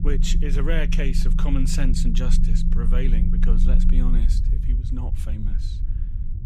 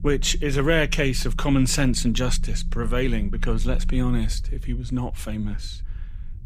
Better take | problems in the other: second | low rumble; loud; throughout; 5 dB below the speech; faint in the second

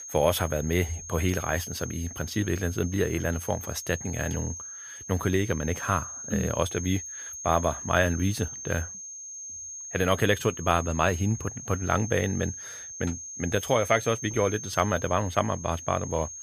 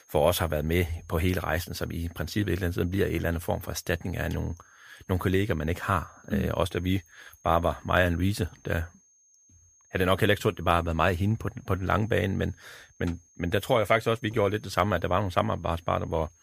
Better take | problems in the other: second | high-pitched whine; loud; throughout; 6.5 kHz, 9 dB below the speech; faint in the second

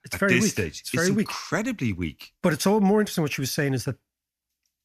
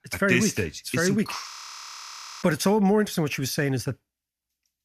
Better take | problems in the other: first | audio freezing; at 1.5 s for 1 s

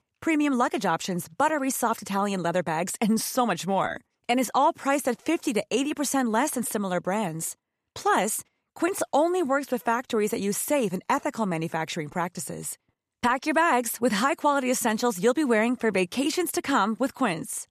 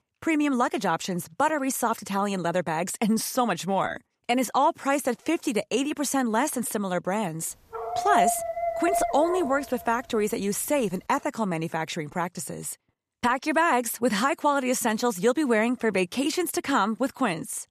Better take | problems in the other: first | dog barking; loud; from 7.5 to 9.5 s; peak 2 dB above the speech

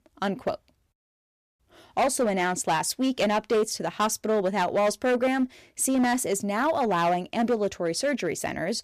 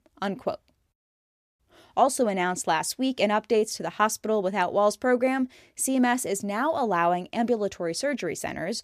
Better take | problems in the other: second | distortion; slight; 8% of the sound clipped

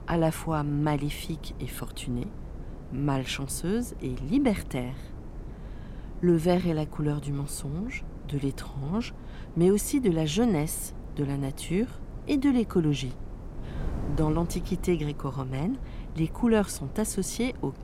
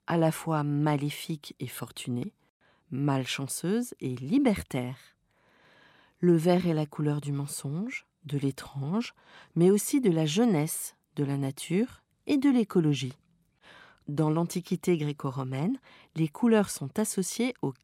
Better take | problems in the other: second | wind noise on the microphone; occasional gusts; 15 dB below the speech

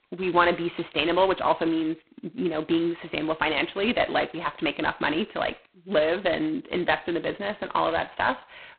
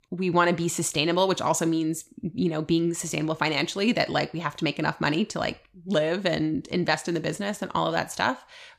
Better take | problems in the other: second | phone-call audio; poor line; nothing above 4 kHz

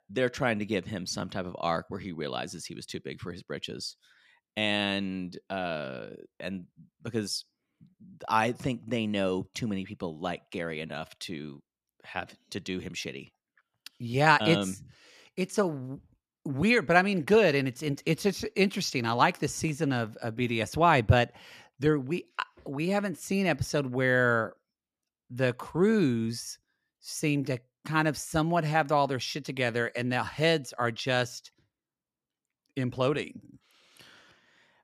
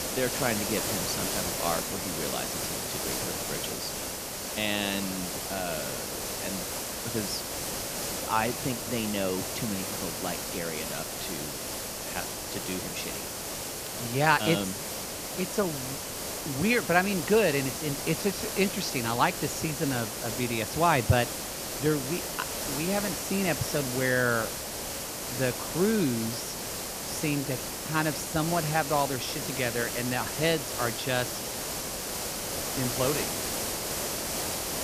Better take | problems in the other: first | hiss; loud; throughout; 2 dB below the speech

